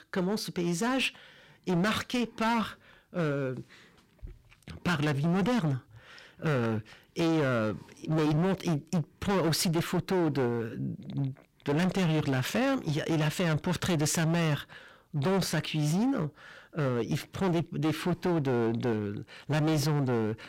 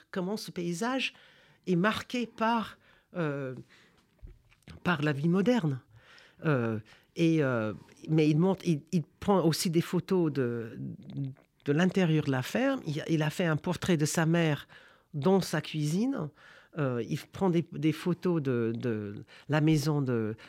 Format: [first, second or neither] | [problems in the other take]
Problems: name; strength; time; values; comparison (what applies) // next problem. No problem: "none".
second | distortion; heavy; 19% of the sound clipped